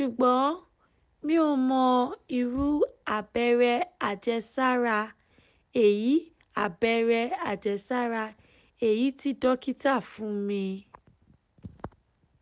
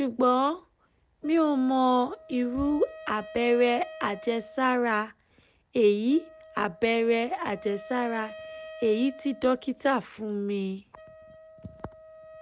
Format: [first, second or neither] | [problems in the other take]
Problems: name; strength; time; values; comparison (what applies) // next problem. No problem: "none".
first | background sound (Wind instrument, woodwind instrument); 19 dB below the speech